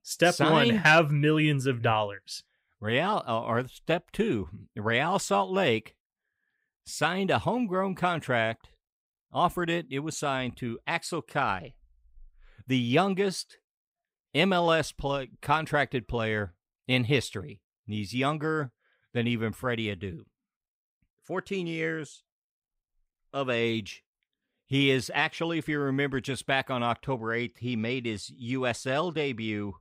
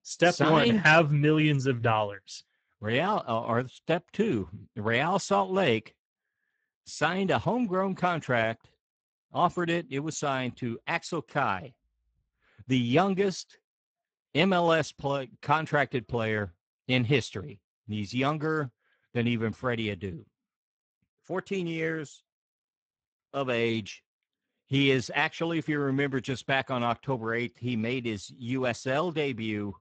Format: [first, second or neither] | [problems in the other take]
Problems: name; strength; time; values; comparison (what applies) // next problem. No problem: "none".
first | garbled, watery; badly; nothing above 8 kHz